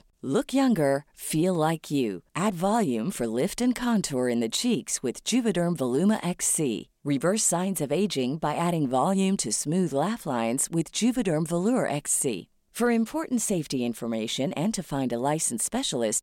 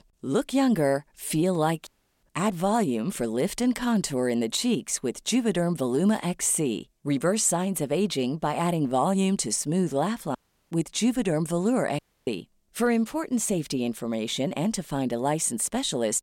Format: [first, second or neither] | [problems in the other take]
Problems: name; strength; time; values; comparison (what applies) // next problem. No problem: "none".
first | audio cutting out; at 2 s, at 10 s and at 12 s